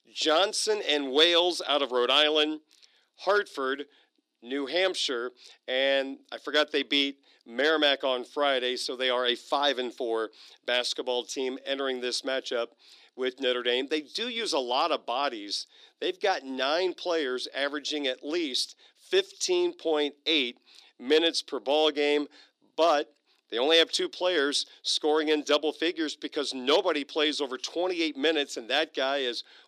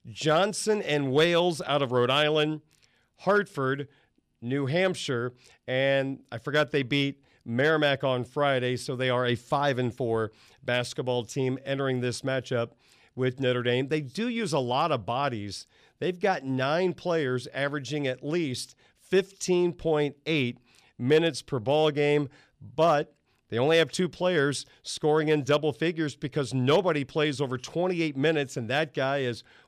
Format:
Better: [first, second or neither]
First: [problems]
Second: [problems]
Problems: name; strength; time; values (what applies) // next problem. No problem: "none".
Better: second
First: thin; very slightly; fading below 300 Hz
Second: none